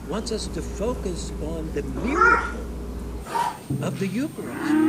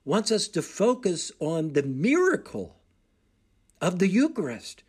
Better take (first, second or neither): second